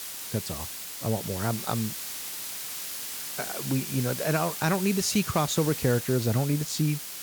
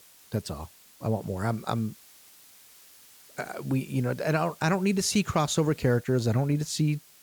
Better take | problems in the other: second | hiss; loud; throughout; 5 dB below the speech; faint in the second

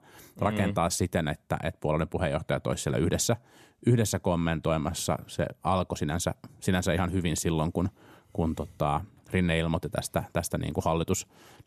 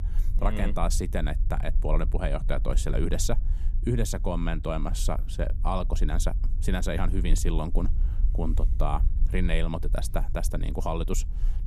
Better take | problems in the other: first | low rumble; noticeable; throughout; 20 dB below the speech

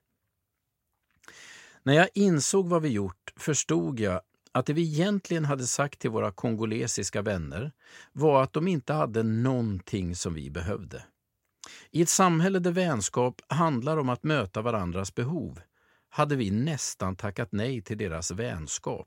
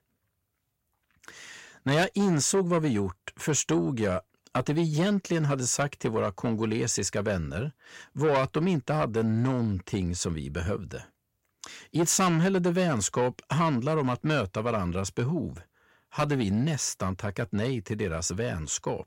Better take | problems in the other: first | distortion; slight; 10 dB below the speech

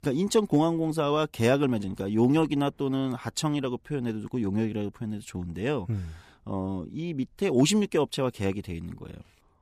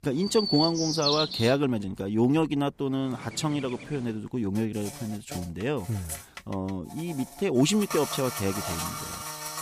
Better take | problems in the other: first | animal sounds; loud; throughout; 5 dB below the speech

